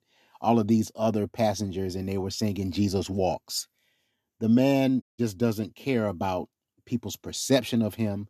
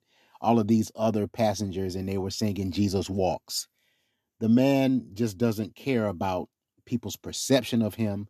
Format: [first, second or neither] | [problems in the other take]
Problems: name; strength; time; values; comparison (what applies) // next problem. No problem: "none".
second | audio cutting out; at 5 s